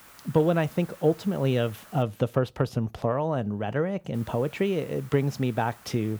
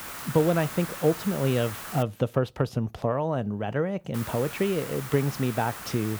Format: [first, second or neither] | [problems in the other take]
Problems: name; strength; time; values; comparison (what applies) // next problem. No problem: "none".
first | hiss; loud; until 2 s and from 4 s on; 10 dB below the speech; faint in the first